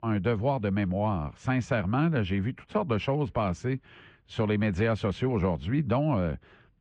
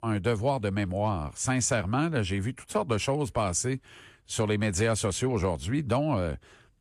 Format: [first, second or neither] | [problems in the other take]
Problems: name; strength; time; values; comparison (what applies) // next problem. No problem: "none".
second | muffled; very; fading above 3 kHz